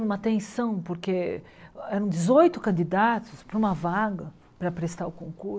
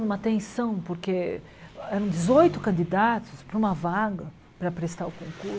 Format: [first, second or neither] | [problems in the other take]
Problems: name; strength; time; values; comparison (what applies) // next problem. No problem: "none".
first | background sound (Engine); 18 dB below the speech